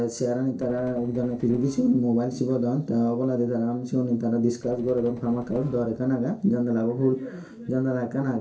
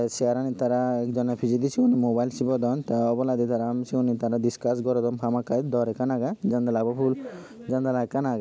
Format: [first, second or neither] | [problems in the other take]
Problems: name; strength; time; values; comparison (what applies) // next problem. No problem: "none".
second | noise reduction (neural separator model SepFormer DNS4)